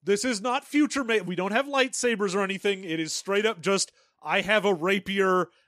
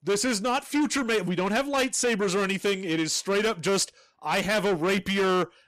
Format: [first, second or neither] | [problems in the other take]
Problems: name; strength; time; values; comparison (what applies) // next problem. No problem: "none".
first | distortion; heavy; 8 dB below the speech